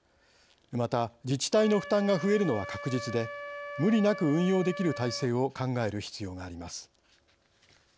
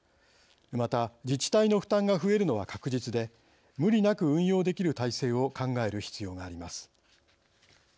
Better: second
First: background sound (Wind instrument, woodwind instrument); 13 dB below the speech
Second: none

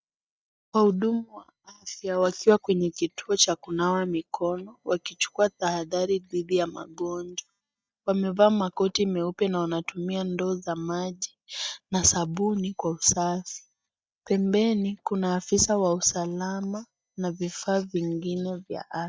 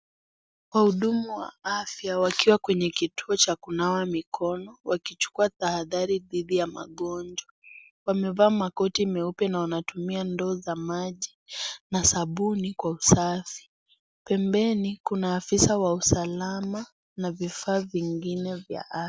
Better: second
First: noise reduction (neural mask model DeepFilterNet 3)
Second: none

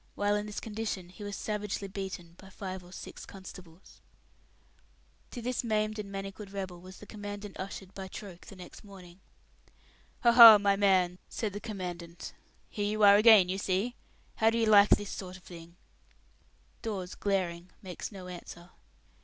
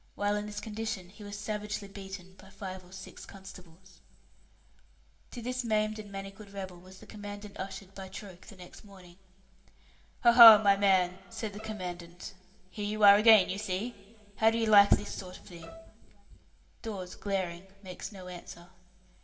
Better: first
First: none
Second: background sound (Bowed string instrument); 19 dB below the speech // room echo; dies away in 3 s

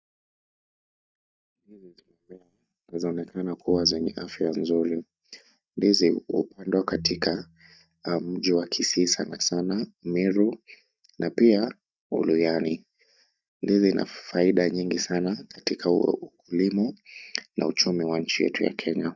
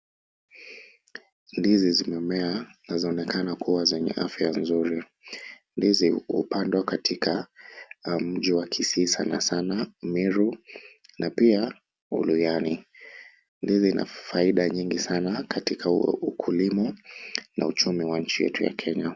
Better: second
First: noise reduction (neural mask model DeepFilterNet 3)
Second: none

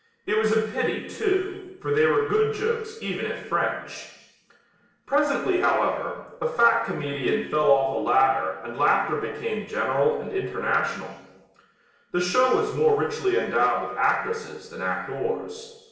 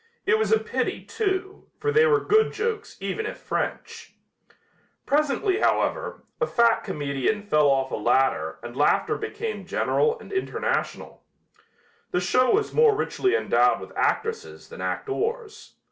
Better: second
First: room echo; dies away in 1.1 s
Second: none

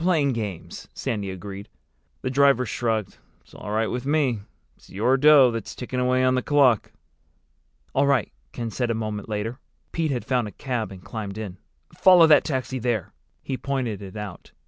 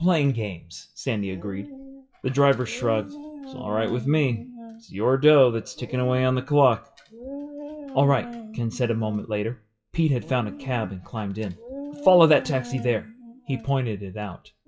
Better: first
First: none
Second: noise reduction (classical method WPE with log-MMSE)

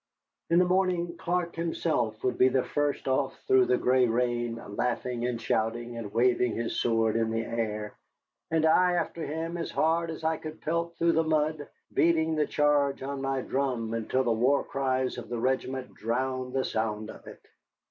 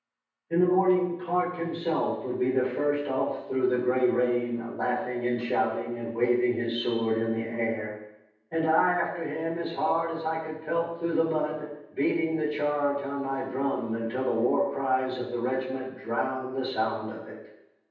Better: first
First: none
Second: room echo; dies away in 0.9 s

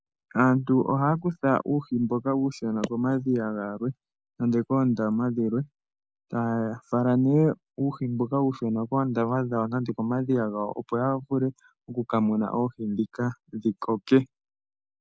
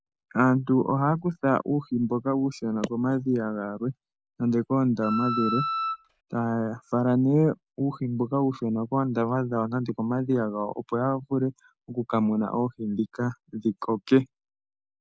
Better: first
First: none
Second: background sound (Wind instrument, woodwind instrument); 4 dB below the speech

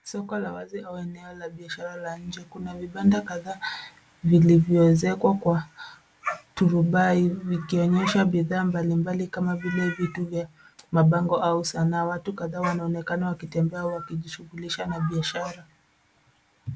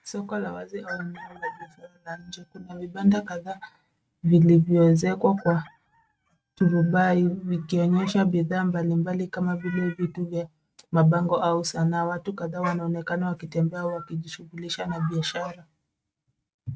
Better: first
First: none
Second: noise reduction (neural mask model RNNoise)

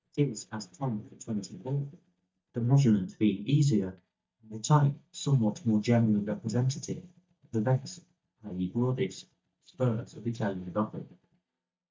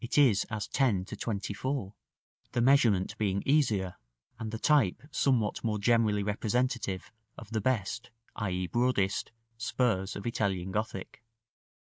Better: second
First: noise reduction (neural mask model DeepFilterNet 3)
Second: none

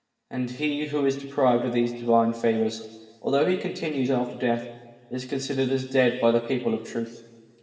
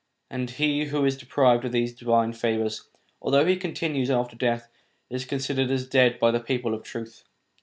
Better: second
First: room echo; dies away in 2.2 s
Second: none

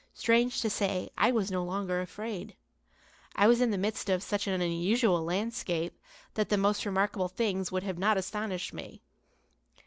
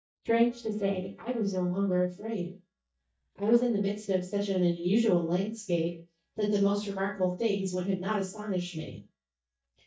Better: first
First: none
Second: noise reduction (neural mask model DeepFilterNet 3)

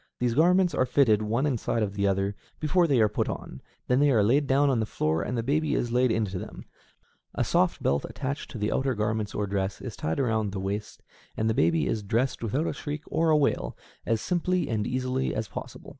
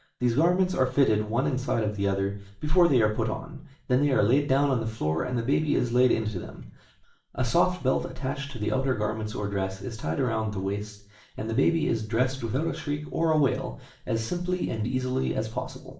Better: first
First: none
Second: room echo; dies away in 0.4 s

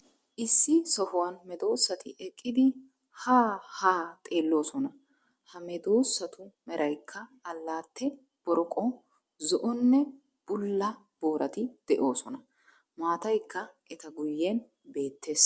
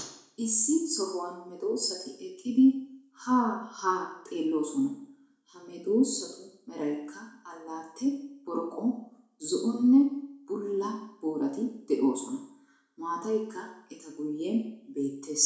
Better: first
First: none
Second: room echo; dies away in 0.6 s

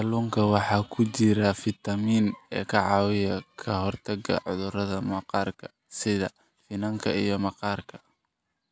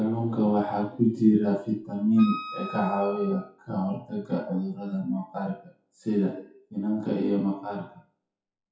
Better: first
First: none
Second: noise reduction (classical method WPE with log-MMSE)

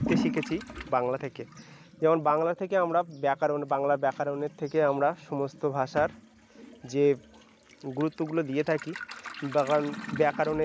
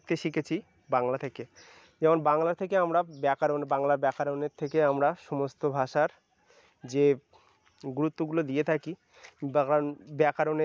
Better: second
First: background sound (Toilet flush / Liquid); 11 dB below the speech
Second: none

